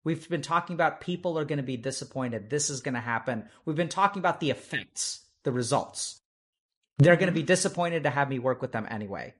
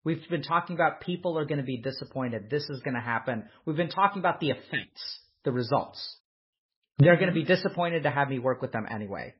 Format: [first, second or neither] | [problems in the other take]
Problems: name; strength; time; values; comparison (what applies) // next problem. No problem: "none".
first | garbled, watery; badly; nothing above 5.5 kHz; slightly in the first